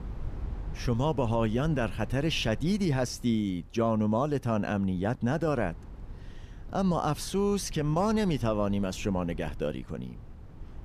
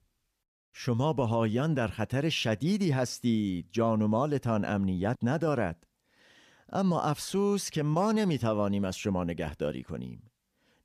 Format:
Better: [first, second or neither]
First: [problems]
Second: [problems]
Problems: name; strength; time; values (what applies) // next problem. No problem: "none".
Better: second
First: low rumble; faint; throughout; 25 dB below the speech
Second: none